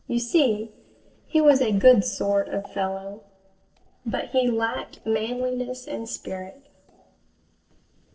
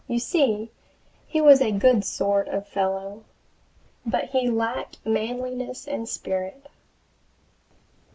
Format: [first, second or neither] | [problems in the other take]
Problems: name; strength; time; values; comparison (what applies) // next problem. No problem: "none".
second | noise reduction (neural separator model SepFormer DNS4)